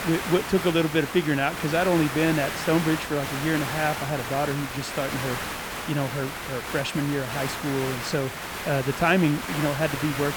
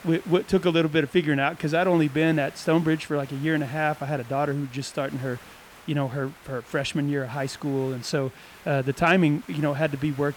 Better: second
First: hiss; loud; throughout; 5 dB below the speech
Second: hiss; faint; throughout; 20 dB below the speech

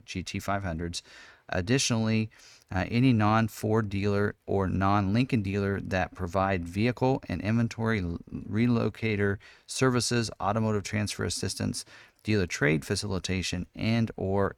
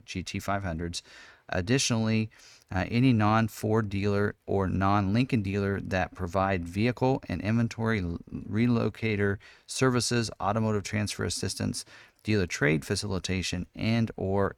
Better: neither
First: none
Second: none

